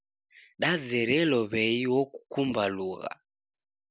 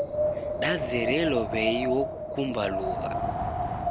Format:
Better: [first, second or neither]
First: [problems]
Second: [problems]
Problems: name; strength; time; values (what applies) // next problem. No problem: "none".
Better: first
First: none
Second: background sound (Wind); 1 dB above the speech